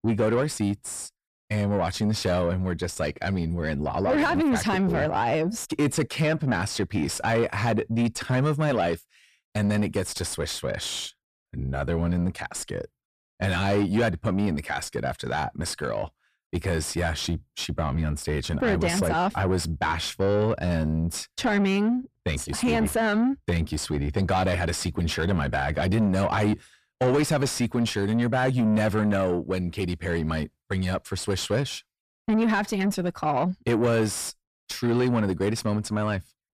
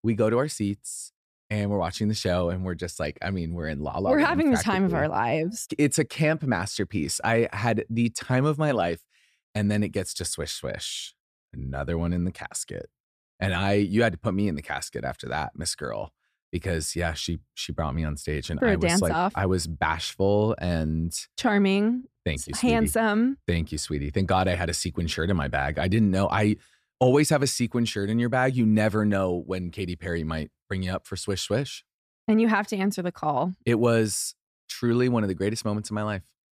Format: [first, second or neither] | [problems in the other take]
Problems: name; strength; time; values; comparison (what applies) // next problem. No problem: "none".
second | distortion; slight; 10 dB below the speech